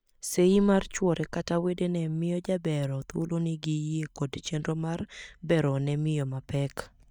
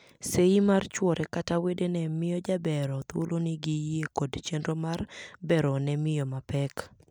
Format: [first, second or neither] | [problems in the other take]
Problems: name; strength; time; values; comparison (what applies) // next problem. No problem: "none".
second | noise reduction (neural mask model DeepFilterNet 3)